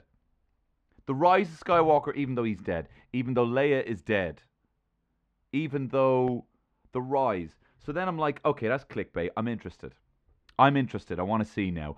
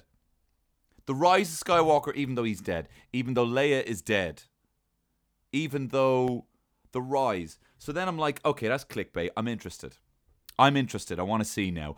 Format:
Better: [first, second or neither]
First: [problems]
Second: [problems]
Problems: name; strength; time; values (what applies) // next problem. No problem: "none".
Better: second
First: muffled; very; fading above 2.5 kHz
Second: none